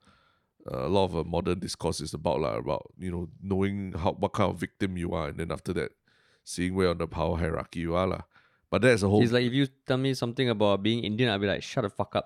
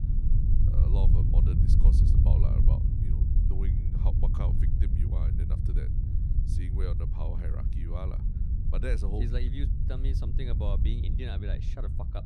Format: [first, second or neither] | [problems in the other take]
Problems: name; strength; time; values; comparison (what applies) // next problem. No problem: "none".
first | wind noise on the microphone; heavy; as loud as the speech